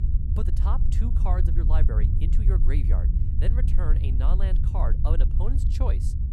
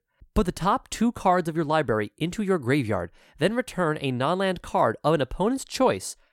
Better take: second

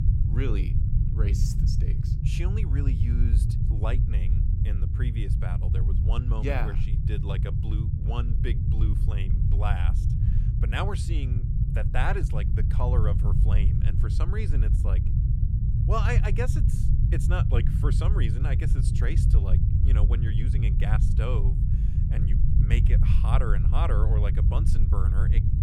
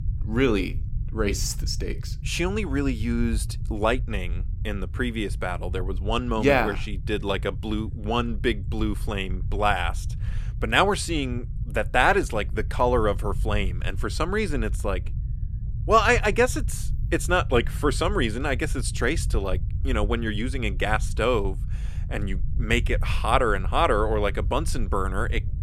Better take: second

